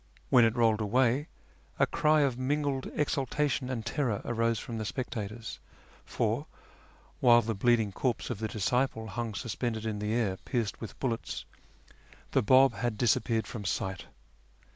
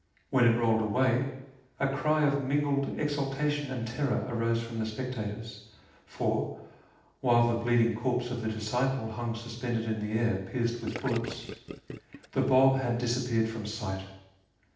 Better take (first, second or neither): first